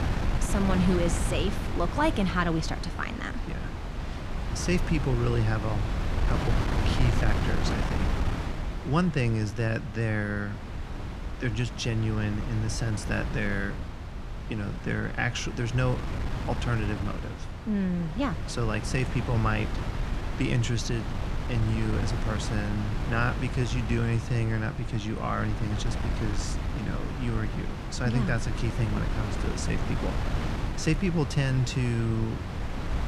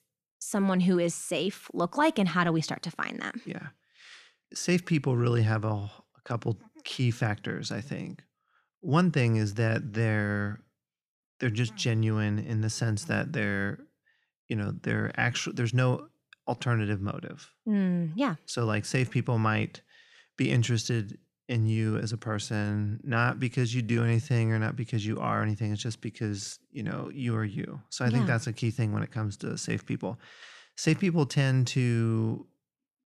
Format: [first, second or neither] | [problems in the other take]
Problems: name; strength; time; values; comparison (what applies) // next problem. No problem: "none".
second | wind noise on the microphone; heavy; 5 dB below the speech